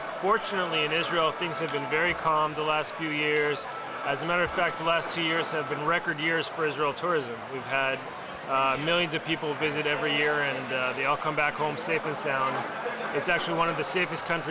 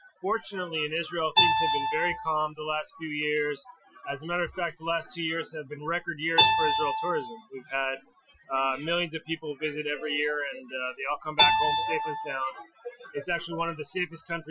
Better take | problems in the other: first | noise reduction (classical method Wiener filter)

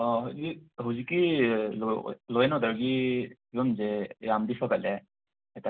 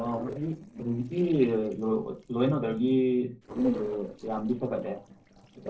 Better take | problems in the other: first | noise reduction (neural separator model SepFormer DNS4)

